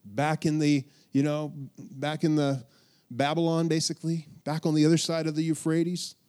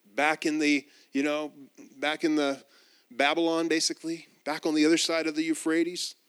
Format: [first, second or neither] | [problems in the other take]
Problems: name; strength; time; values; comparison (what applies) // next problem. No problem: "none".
first | thin; somewhat; fading below 300 Hz